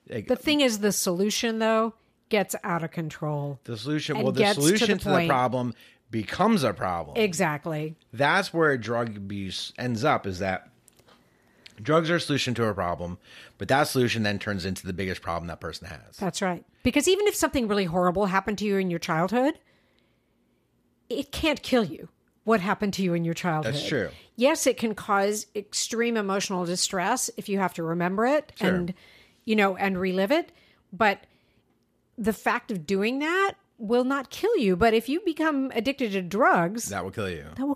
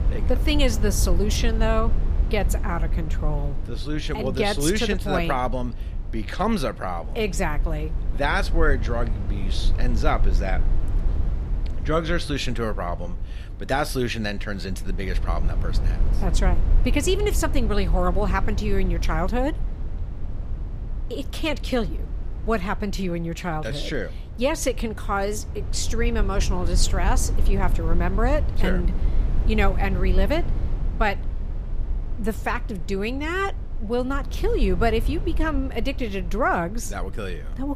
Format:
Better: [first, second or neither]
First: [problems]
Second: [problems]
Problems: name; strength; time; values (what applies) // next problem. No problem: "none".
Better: first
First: none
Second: low rumble; noticeable; throughout; 15 dB below the speech